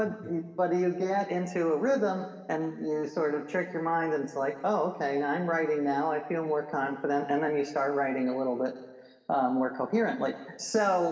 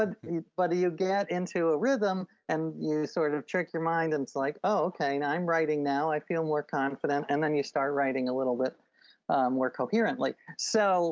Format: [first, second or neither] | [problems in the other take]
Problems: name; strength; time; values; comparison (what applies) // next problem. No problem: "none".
second | room echo; dies away in 1.3 s